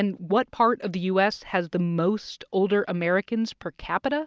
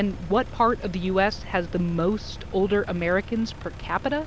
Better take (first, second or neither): first